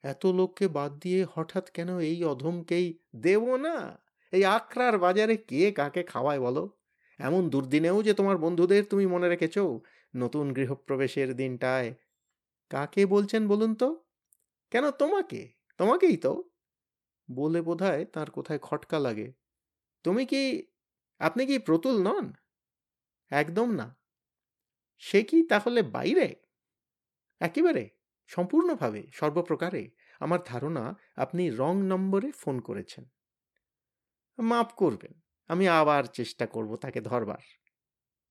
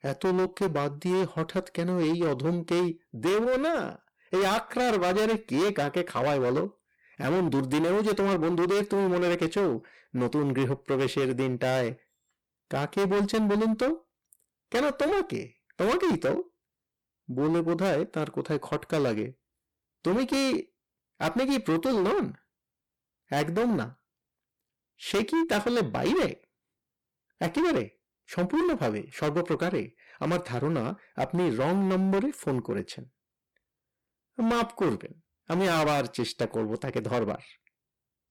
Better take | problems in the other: first | distortion; heavy; 17% of the sound clipped

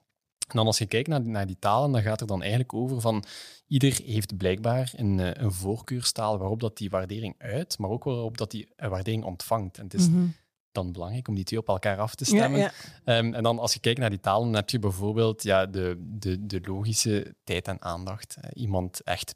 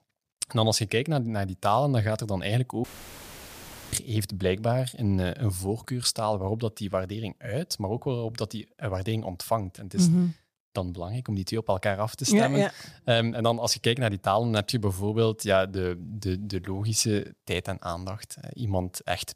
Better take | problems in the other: first | audio cutting out; filled with static; at 3 s for 1 s

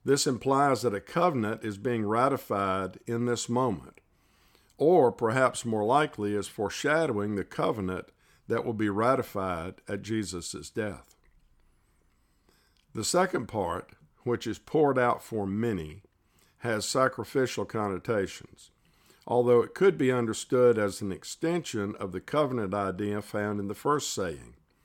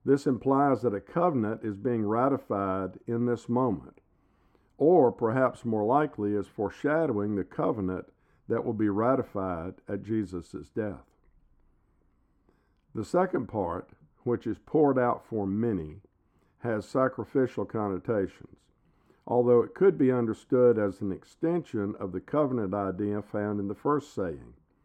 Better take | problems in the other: first | muffled; very; fading above 2 kHz

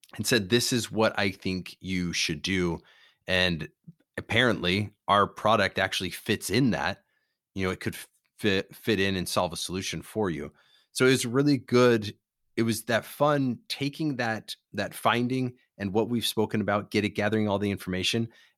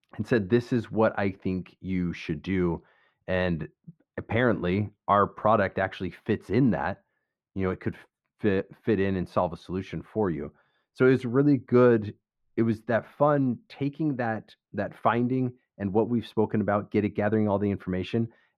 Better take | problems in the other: first | muffled; very; fading above 3 kHz

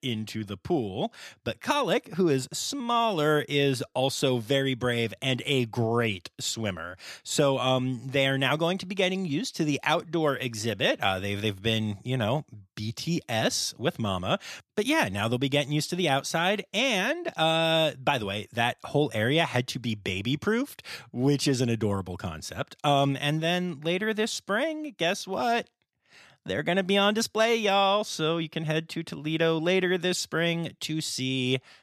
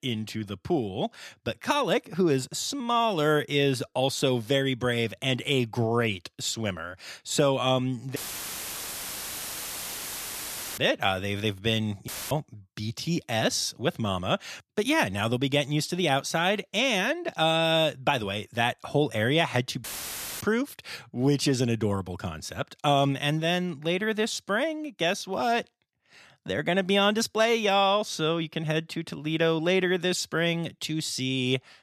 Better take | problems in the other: first | audio cutting out; filled with static; at 8 s for 2.5 s, at 12 s and at 20 s for 0.5 s

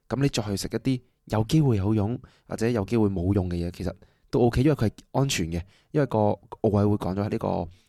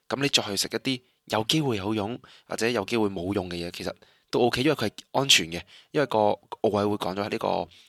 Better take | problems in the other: first | thin; somewhat; fading below 700 Hz

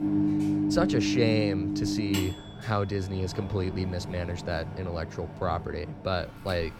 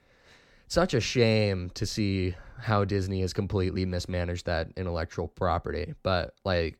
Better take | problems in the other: second | household noises; loud; throughout; as loud as the speech

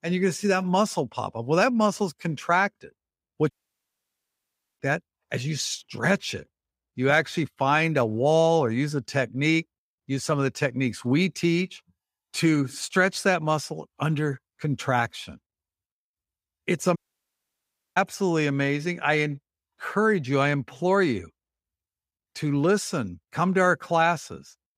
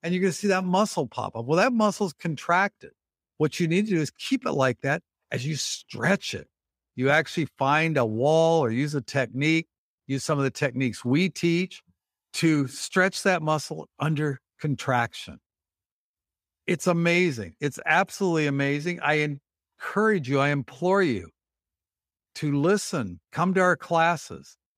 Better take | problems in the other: second | audio cutting out; at 3.5 s for 1.5 s and at 17 s for 1 s

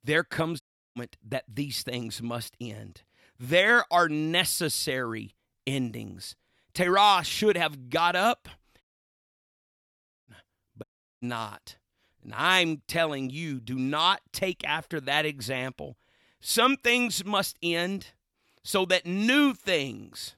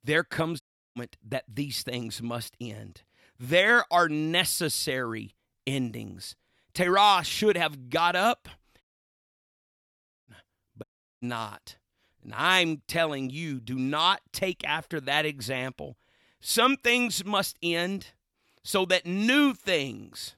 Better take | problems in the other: neither | audio cutting out; at 0.5 s, at 9 s for 1.5 s and at 11 s; the same in both

